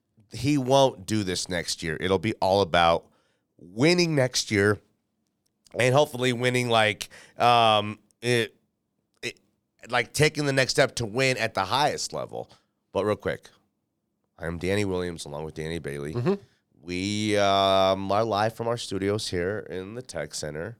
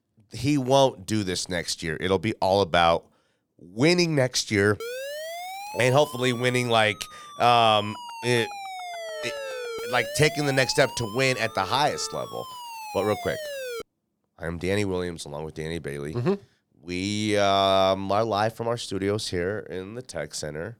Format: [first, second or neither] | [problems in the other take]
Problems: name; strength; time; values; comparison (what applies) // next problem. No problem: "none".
first | siren; noticeable; from 5 to 14 s; peak 8 dB below the speech